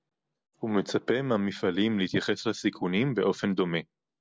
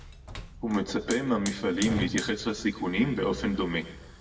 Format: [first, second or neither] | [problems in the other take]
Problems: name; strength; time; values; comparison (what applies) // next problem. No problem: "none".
first | background sound (Hiss / Fire); 11 dB below the speech // room echo; dies away in 0.8 s